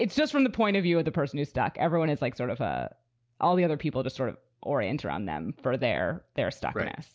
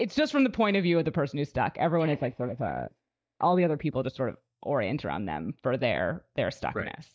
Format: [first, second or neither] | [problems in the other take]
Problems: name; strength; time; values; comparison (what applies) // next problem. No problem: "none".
first | noise reduction (neural mask model DeepFilterNet 3)